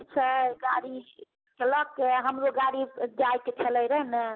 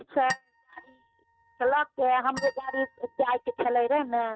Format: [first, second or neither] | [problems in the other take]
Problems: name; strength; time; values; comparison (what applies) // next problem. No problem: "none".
first | noise reduction (neural mask model RNNoise)